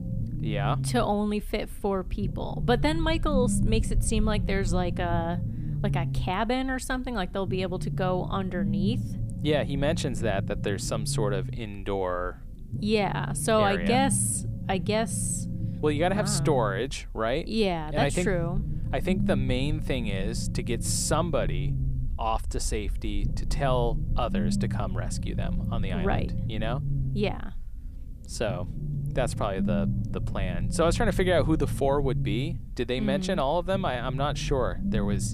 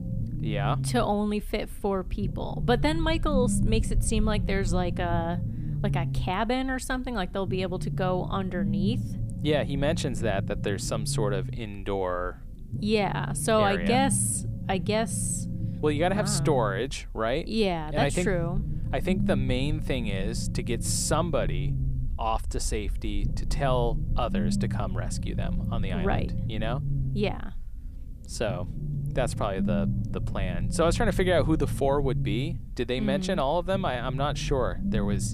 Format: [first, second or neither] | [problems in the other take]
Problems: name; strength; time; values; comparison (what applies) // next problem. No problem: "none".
neither | low rumble; noticeable; throughout; 10 dB below the speech; the same in both